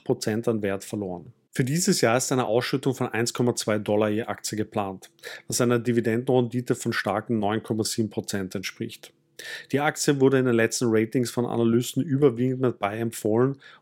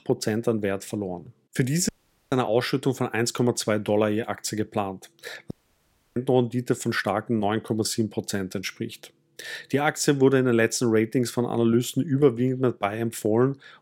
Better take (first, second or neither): first